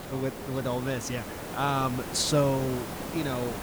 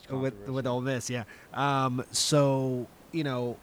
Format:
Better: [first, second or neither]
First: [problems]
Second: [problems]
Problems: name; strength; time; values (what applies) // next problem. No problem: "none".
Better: second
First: hiss; loud; throughout; 8 dB below the speech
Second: hiss; faint; throughout; 25 dB below the speech